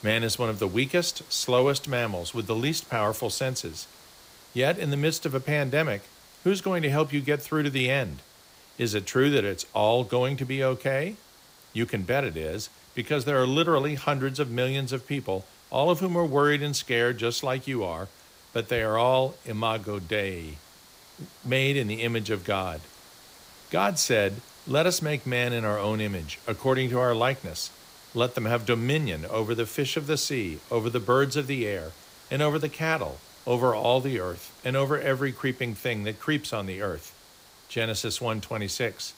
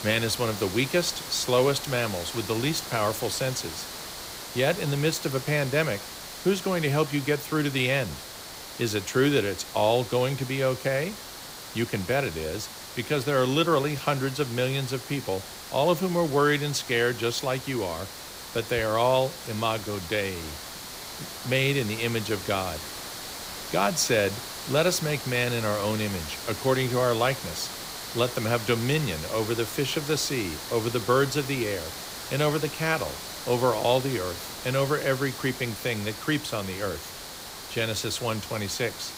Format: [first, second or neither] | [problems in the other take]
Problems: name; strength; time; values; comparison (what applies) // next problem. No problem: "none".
first | hiss; loud; throughout; 9 dB below the speech; faint in the first